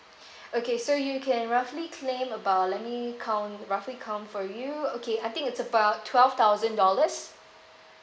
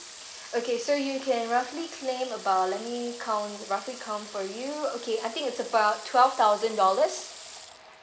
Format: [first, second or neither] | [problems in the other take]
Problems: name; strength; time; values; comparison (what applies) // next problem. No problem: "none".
first | background sound (Water tap, faucet / Water); 16 dB below the speech